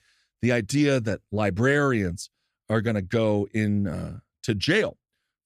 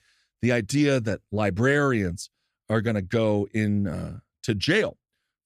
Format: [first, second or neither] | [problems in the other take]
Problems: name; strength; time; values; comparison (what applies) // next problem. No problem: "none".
neither | none